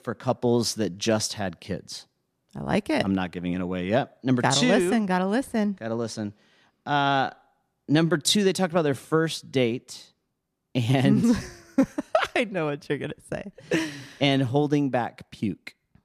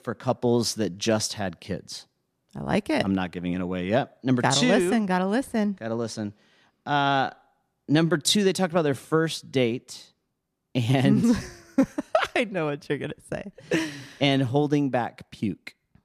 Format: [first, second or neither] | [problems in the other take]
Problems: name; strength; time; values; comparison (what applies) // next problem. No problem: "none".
neither | none